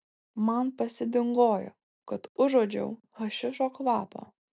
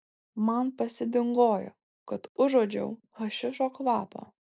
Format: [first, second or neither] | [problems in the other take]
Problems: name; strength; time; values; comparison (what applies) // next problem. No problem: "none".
first | noise reduction (neural mask model Resemble Enhance denoiser)